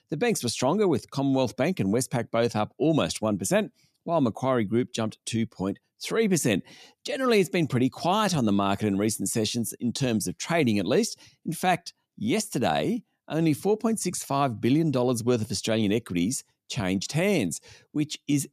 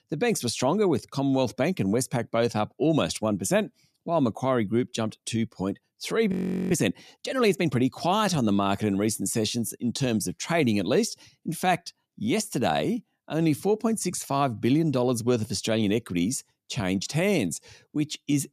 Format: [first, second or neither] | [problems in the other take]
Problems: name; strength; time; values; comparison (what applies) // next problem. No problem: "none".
first | audio freezing; at 6.5 s